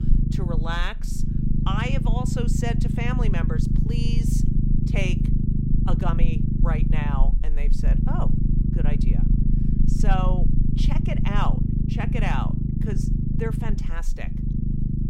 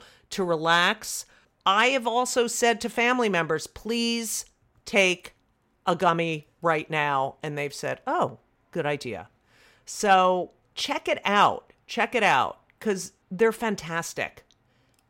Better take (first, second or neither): second